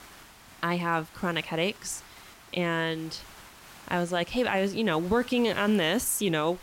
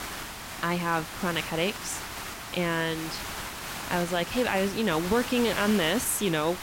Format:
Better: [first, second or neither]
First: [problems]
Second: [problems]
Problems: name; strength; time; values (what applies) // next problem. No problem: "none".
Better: first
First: hiss; faint; throughout; 20 dB below the speech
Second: hiss; loud; throughout; 8 dB below the speech